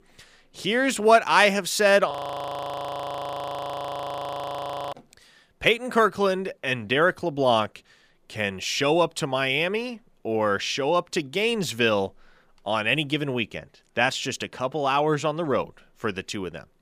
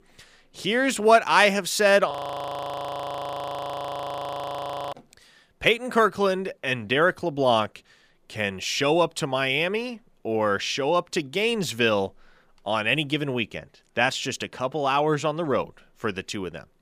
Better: neither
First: audio freezing; at 2 s for 3 s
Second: audio freezing; at 2 s for 3 s

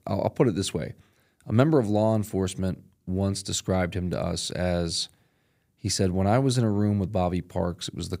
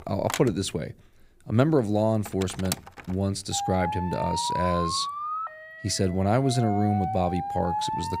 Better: first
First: none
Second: alarms or sirens; loud; throughout; 5 dB below the speech

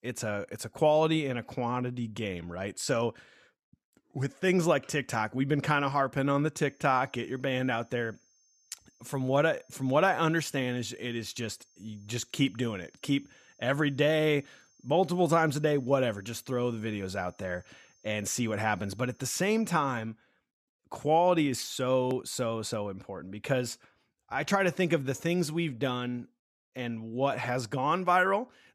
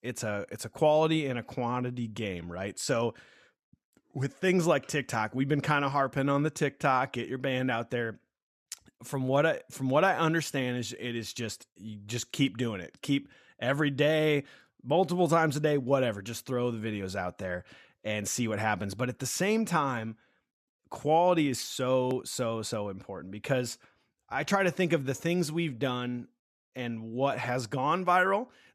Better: second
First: high-pitched whine; faint; from 6.5 to 20 s; 6.5 kHz, 35 dB below the speech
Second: none

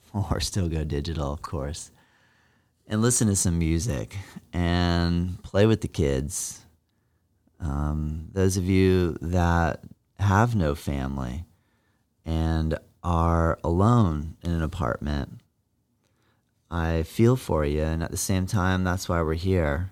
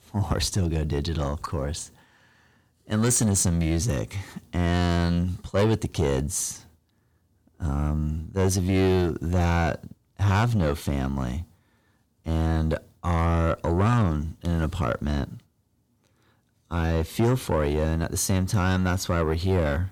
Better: first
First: none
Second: distortion; slight; 10 dB below the speech

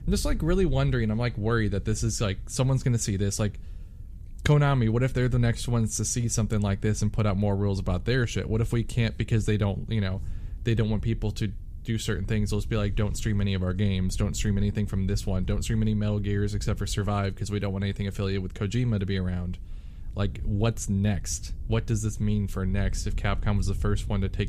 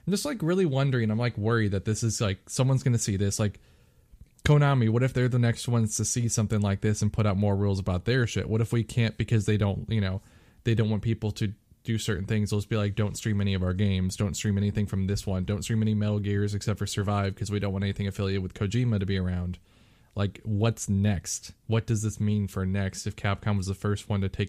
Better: second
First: wind noise on the microphone; occasional gusts; 25 dB below the speech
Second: none

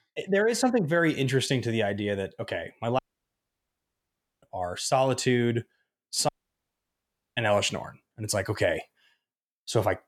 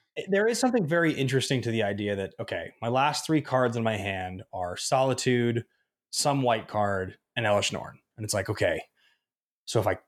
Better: second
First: audio cutting out; at 3 s for 1.5 s and at 6.5 s for 1 s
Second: none

